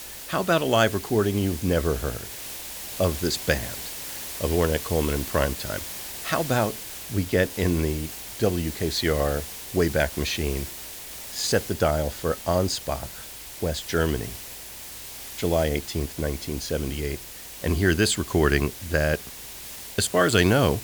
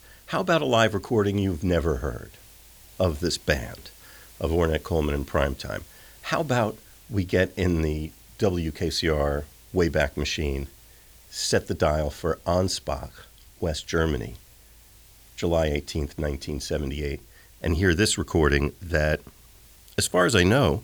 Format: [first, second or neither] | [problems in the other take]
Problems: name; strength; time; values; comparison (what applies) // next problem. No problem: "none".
second | hiss; loud; throughout; 10 dB below the speech; faint in the second